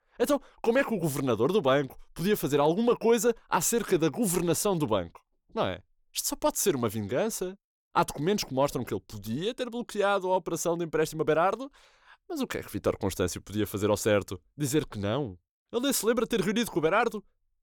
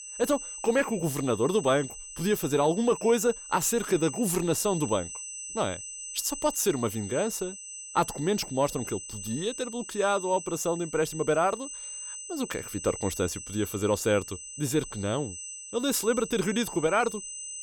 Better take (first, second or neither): first